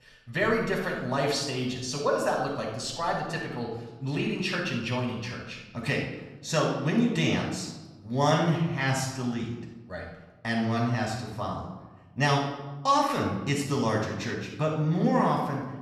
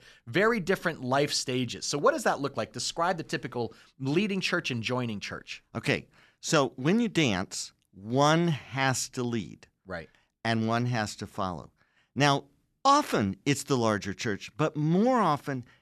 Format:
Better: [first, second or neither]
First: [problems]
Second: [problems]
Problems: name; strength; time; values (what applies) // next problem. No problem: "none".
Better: second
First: off-mic speech; somewhat distant // room echo; noticeable; dies away in 0.8 s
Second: none